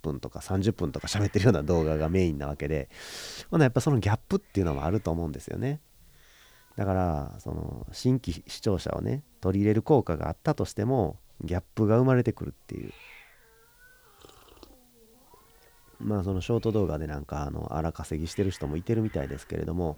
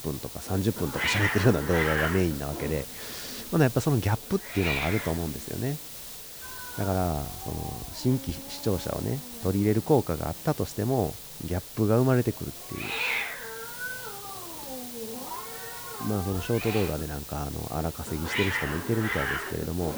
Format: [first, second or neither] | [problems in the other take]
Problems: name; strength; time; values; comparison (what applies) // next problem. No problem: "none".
first | hiss; loud; throughout; 5 dB below the speech; faint in the first